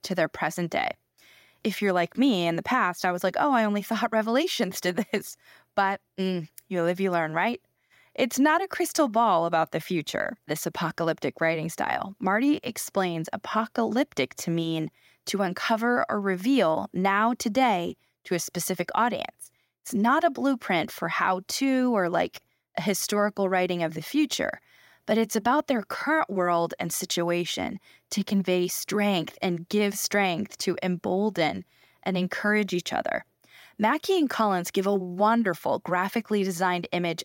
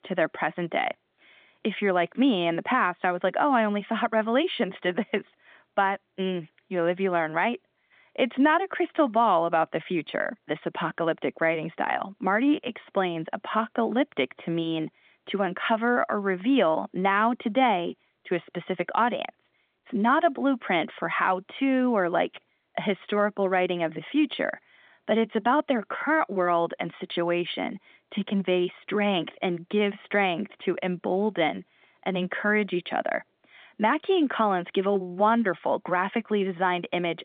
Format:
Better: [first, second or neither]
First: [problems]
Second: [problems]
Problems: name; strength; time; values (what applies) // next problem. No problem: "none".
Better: first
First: none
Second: phone-call audio; nothing above 3 kHz